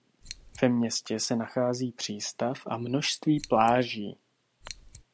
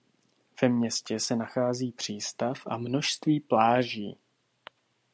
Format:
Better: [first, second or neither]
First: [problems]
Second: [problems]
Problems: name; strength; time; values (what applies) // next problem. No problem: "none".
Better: second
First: background sound (Scissors); 17 dB below the speech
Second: none